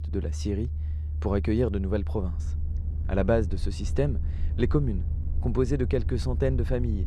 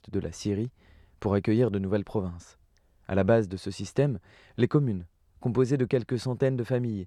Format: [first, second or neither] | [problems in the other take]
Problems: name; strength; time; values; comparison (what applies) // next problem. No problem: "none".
second | low rumble; noticeable; throughout; 15 dB below the speech